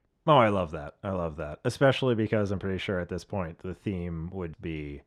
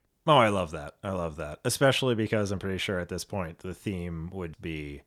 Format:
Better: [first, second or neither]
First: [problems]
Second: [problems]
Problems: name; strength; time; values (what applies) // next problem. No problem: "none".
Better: second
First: muffled; slightly; fading above 2 kHz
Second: none